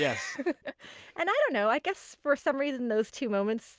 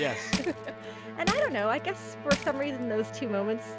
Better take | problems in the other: first | background sound (Crushing + Musical instrument); 5 dB below the speech

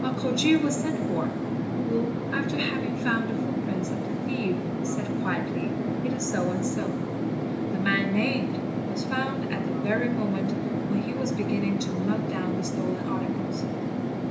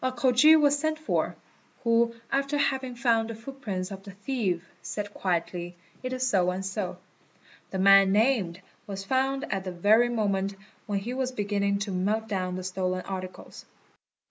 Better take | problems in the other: second | background sound (Fixed-wing aircraft, airplane); 3 dB above the speech // room echo; dies away in 0.8 s

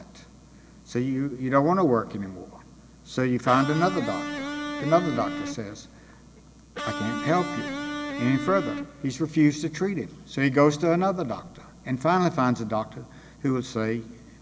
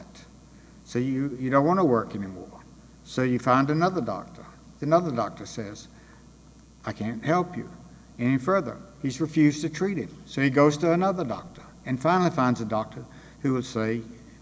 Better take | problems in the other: second | background sound (Electric guitar); 7 dB below the speech

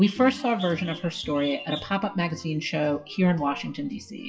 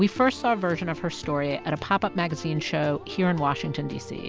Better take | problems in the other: second | noise reduction (classical method WPE with log-MMSE)

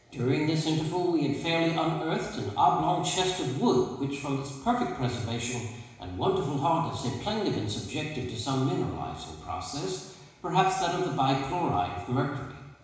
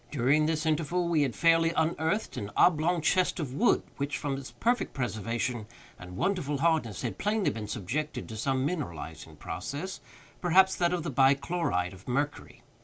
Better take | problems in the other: second | room echo; dies away in 1 s

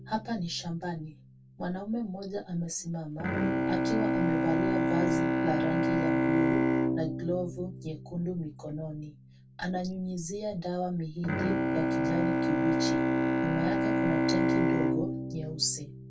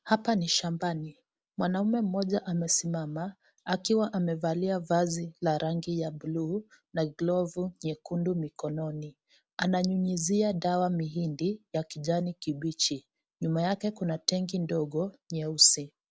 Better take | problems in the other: second | background sound (Bowed string instrument); 5 dB above the speech // room echo; dies away in 0.1 s

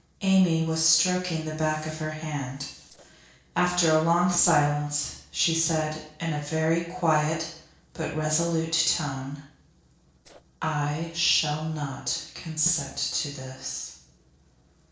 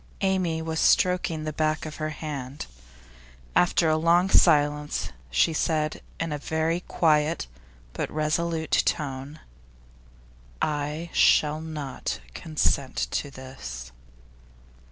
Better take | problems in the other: second | noise reduction (neural separator model SepFormer DNS4)

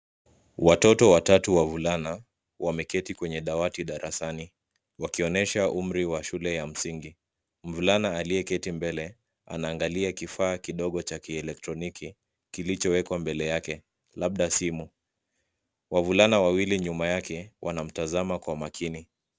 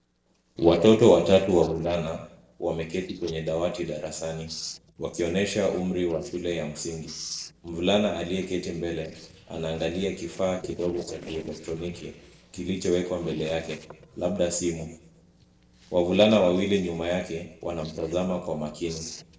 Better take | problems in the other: first | noise reduction (neural separator model SepFormer DNS4)

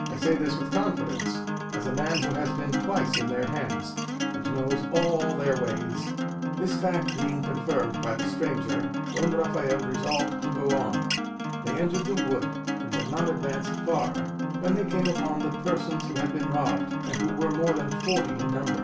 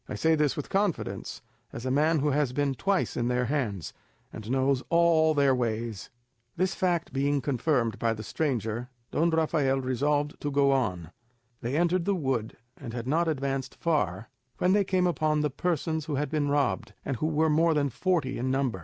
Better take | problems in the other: second | background sound (Acoustic guitar); as loud as the speech // room echo; dies away in 0.2 s

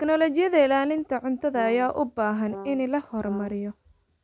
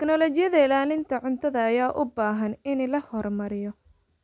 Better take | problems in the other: second | background sound (Brass instrument); 16 dB below the speech

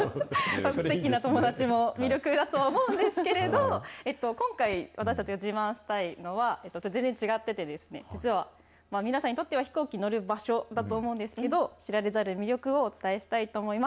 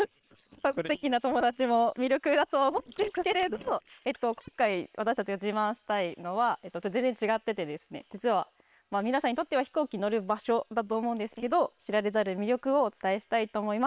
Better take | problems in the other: first | noise reduction (neural separator model SepFormer WHAM!)

